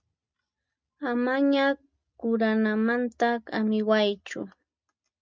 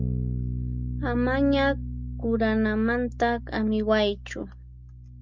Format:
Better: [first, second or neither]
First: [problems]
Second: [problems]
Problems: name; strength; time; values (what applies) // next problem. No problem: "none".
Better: first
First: none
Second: background sound (Bass guitar); 6 dB below the speech